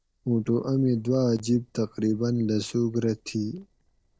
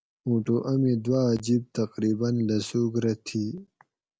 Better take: second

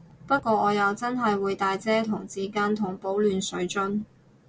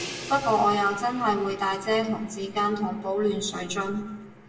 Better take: first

